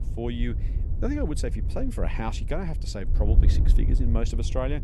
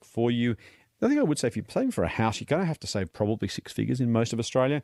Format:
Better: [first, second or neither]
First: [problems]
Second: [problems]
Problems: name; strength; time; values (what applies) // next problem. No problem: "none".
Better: second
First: wind noise on the microphone; occasional gusts; 10 dB below the speech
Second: none